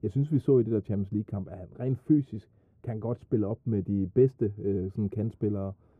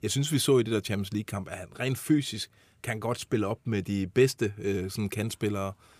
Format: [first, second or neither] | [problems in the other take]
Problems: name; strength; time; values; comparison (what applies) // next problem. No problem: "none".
second | muffled; very; fading above 1.5 kHz